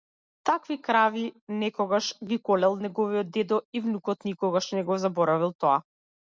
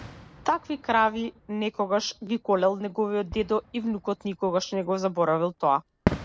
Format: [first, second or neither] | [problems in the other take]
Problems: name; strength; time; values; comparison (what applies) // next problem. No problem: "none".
first | background sound (Fireworks); 11 dB below the speech